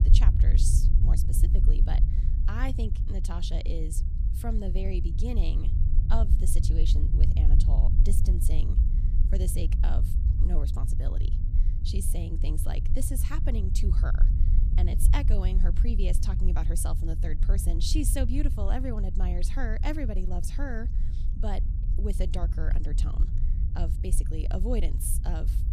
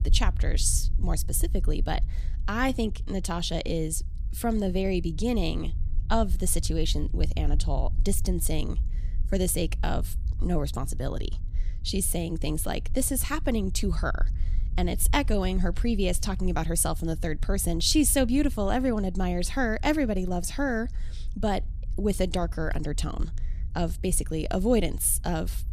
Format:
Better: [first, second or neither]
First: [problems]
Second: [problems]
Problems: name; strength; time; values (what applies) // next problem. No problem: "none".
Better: second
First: low rumble; loud; throughout; 7 dB below the speech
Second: low rumble; faint; throughout; 25 dB below the speech